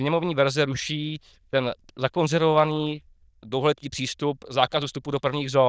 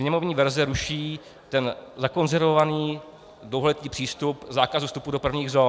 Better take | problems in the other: second | noise reduction (neural diffusion model UNIVERSE++)

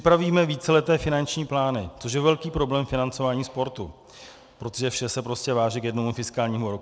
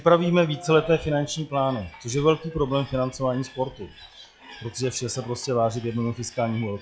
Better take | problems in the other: first | noise reduction (classical method log-MMSE)

